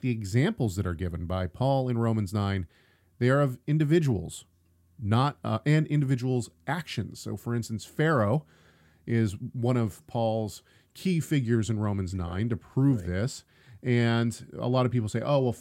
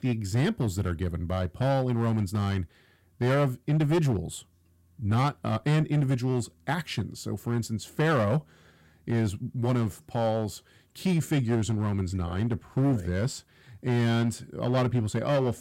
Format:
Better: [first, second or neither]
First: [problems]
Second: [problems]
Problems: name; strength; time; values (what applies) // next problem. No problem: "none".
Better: first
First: none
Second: distortion; slight; 8% of the sound clipped